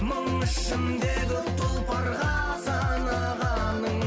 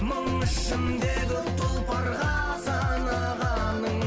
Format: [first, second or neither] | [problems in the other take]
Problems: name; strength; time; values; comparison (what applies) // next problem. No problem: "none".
first | background sound (Thunder); 16 dB below the speech